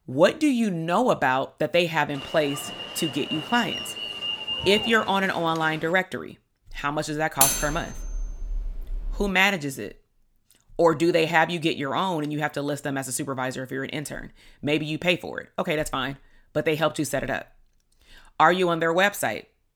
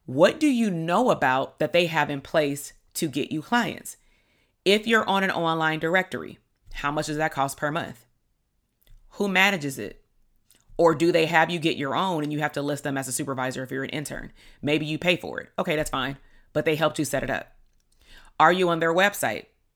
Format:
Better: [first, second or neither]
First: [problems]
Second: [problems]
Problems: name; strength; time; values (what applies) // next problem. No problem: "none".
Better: second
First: alarm; noticeable; from 2 to 6 s; peak 2 dB below the speech // clattering dishes; loud; from 7.5 to 9.5 s; peak 4 dB above the speech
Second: none